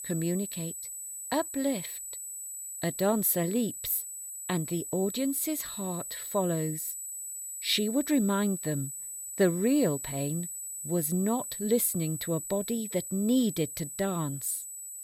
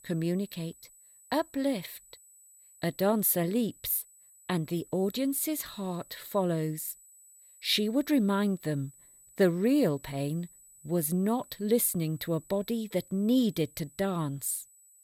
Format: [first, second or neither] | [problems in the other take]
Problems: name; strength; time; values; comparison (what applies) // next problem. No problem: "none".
second | high-pitched whine; loud; throughout; 8 kHz, 7 dB below the speech; faint in the second